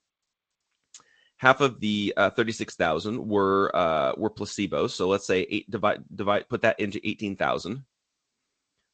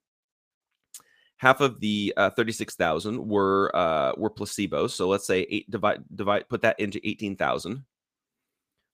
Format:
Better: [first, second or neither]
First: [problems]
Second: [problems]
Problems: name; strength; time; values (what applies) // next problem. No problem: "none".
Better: second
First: garbled, watery; slightly; nothing above 8 kHz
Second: none